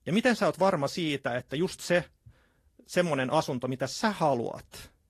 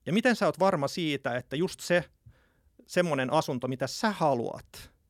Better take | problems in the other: second | garbled, watery; slightly; nothing above 13 kHz

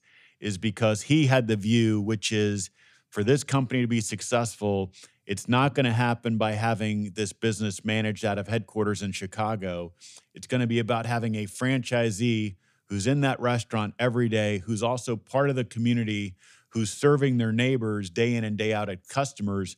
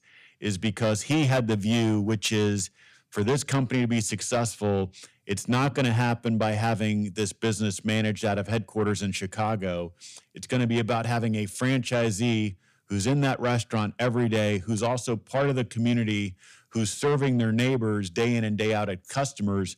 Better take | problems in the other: first | distortion; slight; 10 dB below the speech

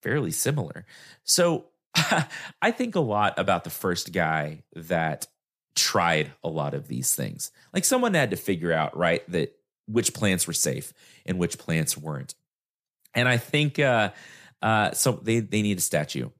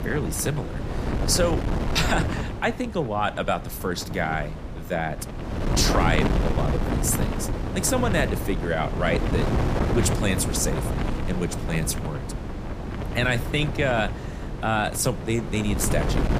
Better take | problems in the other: first | wind noise on the microphone; heavy; 6 dB below the speech

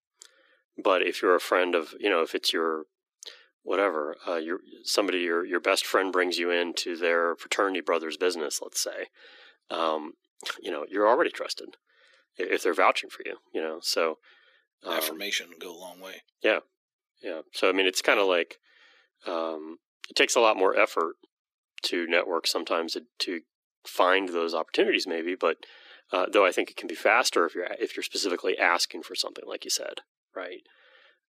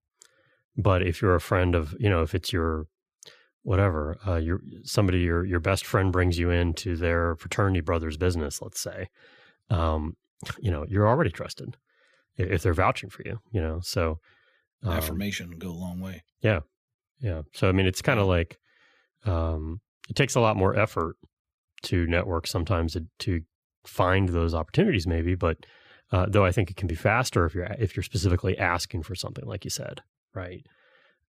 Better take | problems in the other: second | thin; very; fading below 300 Hz

